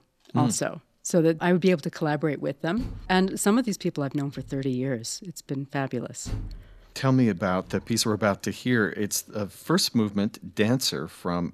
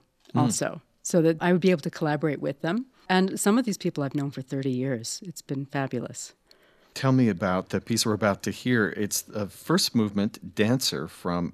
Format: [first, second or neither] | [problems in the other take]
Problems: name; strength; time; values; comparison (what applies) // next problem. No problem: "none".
second | door banging; faint; from 3 to 8 s; peak 10 dB below the speech